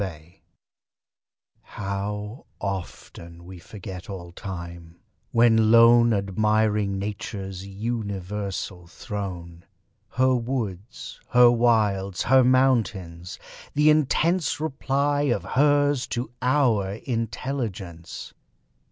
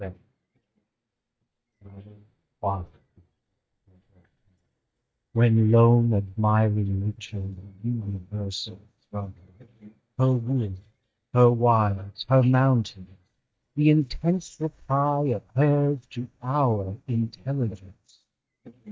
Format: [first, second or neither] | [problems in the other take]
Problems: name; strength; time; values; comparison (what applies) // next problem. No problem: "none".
first | noise reduction (neural mask model DeepFilterNet 3)